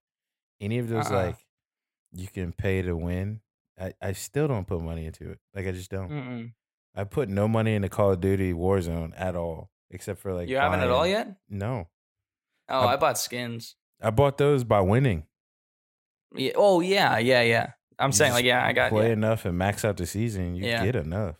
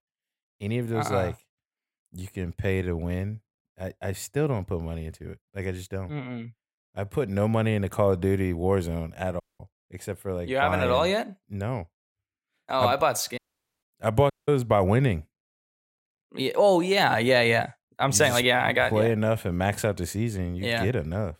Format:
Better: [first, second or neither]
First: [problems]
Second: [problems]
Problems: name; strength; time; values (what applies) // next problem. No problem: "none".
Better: first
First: none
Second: audio cutting out; at 9.5 s, at 13 s and at 14 s